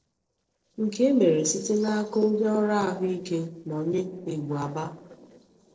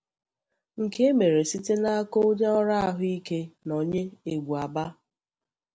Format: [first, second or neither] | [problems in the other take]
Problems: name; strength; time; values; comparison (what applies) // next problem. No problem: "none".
second | noise reduction (neural separator model SepFormer DNS4)